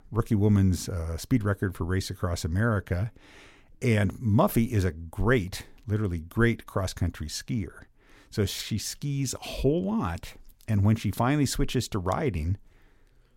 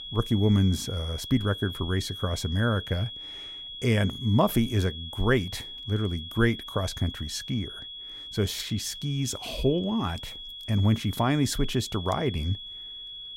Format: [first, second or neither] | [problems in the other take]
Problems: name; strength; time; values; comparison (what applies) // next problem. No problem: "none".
first | high-pitched whine; loud; throughout; 3.5 kHz, 10 dB below the speech